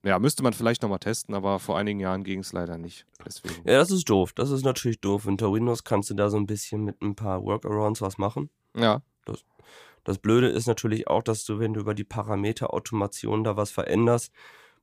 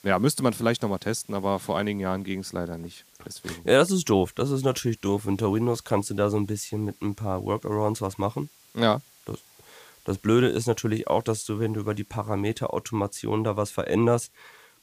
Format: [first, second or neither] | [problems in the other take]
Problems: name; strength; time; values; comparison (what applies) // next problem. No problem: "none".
first | hiss; faint; throughout; 30 dB below the speech